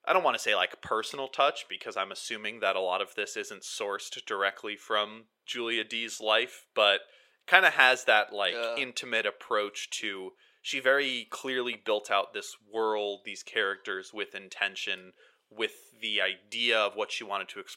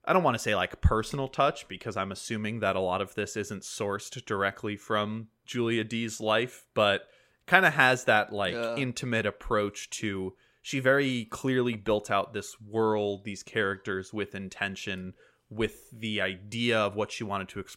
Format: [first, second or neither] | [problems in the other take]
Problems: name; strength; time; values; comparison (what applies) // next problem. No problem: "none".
second | thin; somewhat; fading below 500 Hz